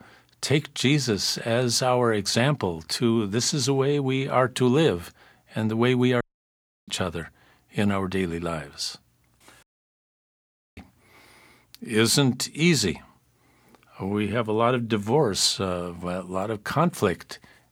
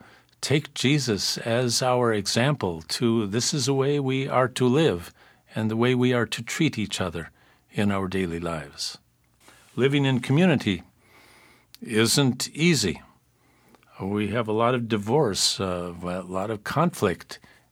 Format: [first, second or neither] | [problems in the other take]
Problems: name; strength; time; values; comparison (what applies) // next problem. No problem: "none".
second | audio cutting out; at 6 s for 0.5 s and at 9.5 s for 1 s